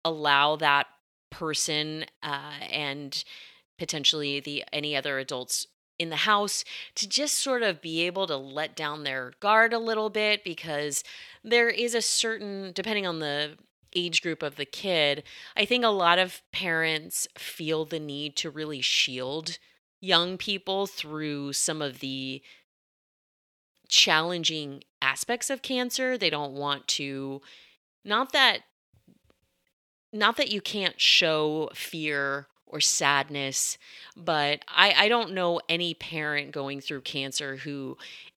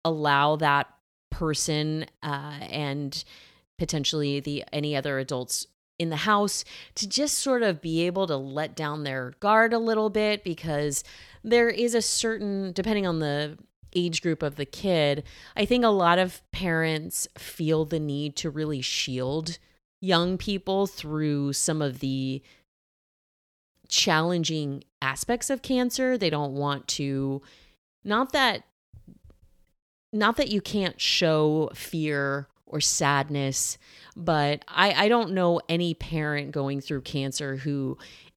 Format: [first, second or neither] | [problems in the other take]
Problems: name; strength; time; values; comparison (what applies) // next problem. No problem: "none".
second | thin; very slightly; fading below 450 Hz